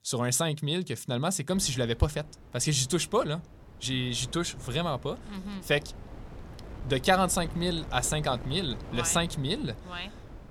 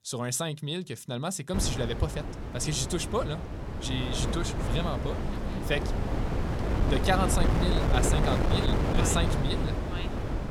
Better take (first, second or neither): first